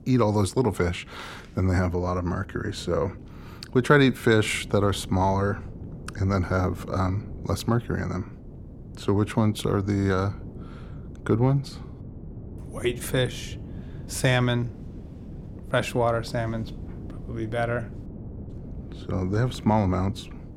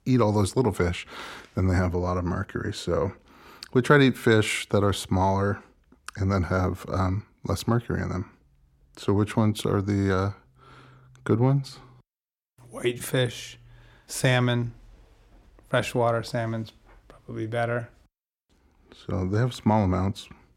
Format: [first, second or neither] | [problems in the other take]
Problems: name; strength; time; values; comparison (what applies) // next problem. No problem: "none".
second | wind noise on the microphone; occasional gusts; 20 dB below the speech